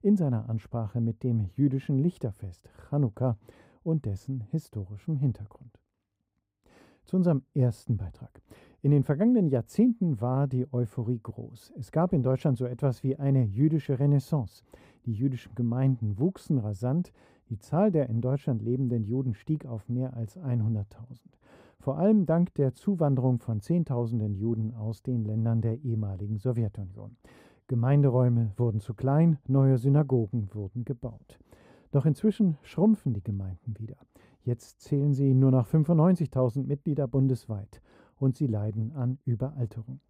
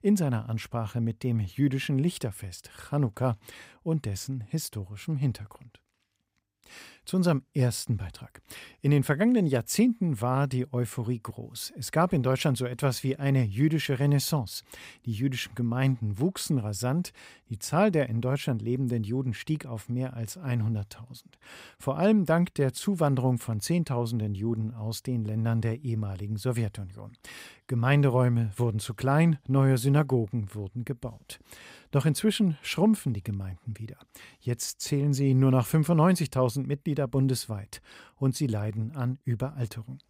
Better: second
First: muffled; very; fading above 1 kHz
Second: none

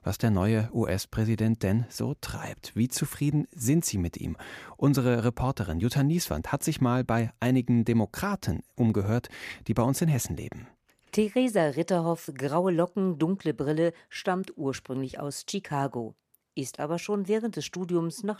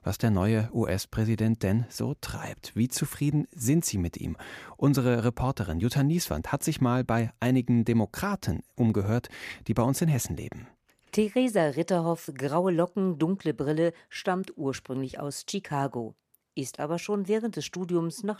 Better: neither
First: none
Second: none

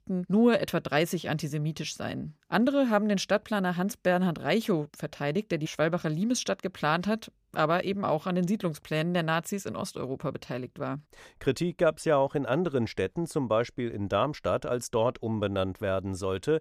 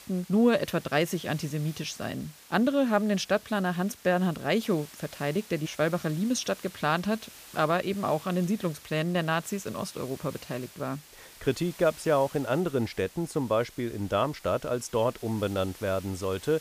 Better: first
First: none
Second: hiss; noticeable; throughout; 20 dB below the speech

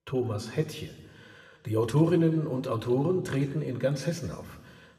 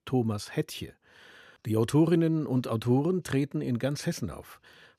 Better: second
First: room echo; slight; dies away in 1.4 s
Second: none

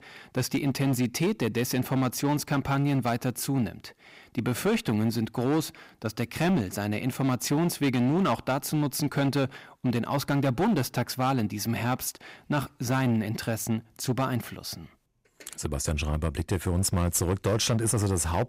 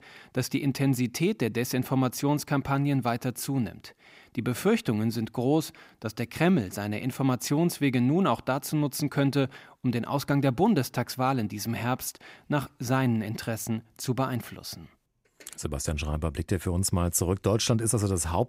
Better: second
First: distortion; slight; 10% of the sound clipped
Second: none

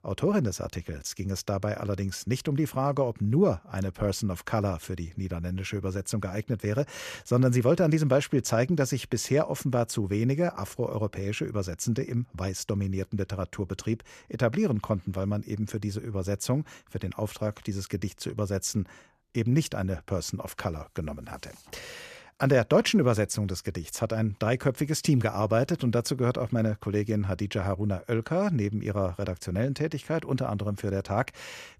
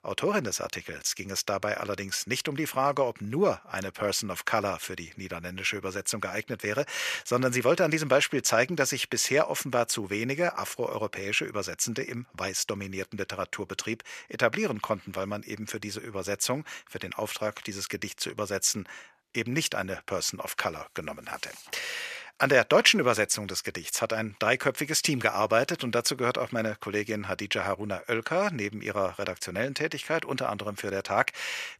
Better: first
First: none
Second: thin; somewhat; fading below 800 Hz

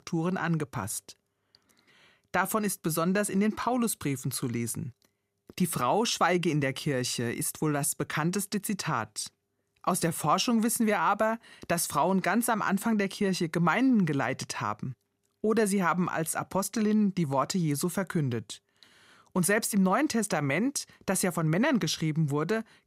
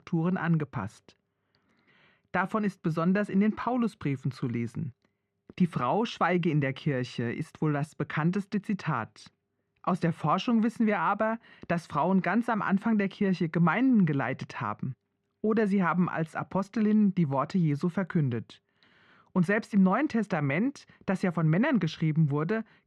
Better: first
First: none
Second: muffled; slightly; fading above 2.5 kHz

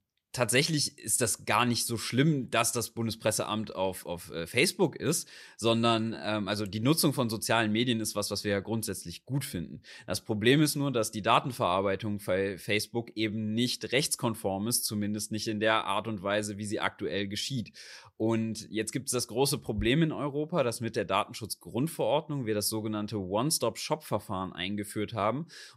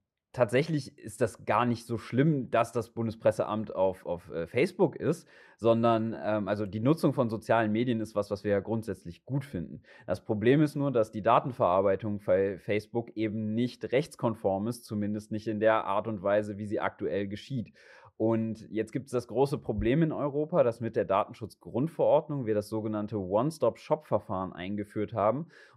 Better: first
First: none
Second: muffled; very; fading above 3 kHz

